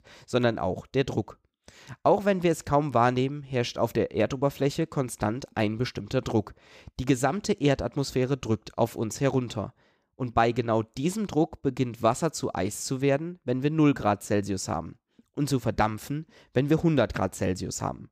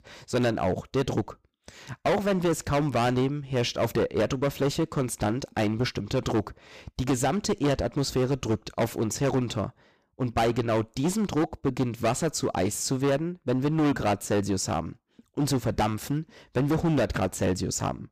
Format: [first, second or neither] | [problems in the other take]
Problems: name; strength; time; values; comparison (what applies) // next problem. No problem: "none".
first | distortion; heavy; 12% of the sound clipped